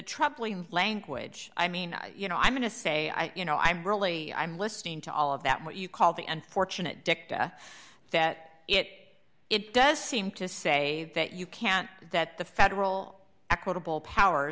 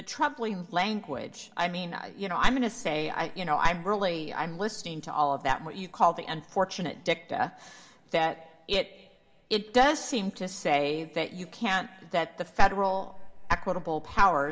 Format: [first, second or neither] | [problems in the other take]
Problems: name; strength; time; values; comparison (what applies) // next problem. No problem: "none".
first | room echo; dies away in 0.3 s